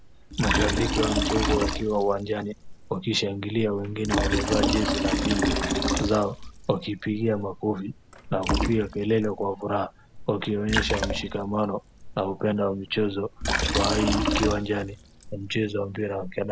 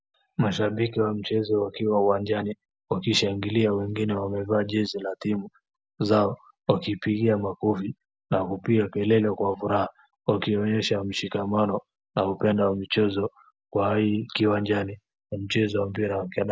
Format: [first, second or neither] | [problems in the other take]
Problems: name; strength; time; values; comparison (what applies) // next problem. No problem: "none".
second | background sound (Liquid); 2 dB below the speech